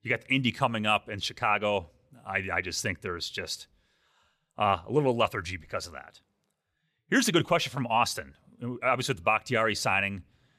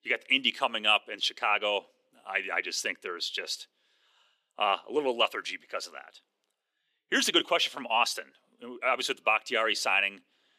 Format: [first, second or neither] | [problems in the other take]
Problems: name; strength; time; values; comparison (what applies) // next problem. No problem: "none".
first | thin; somewhat; fading below 300 Hz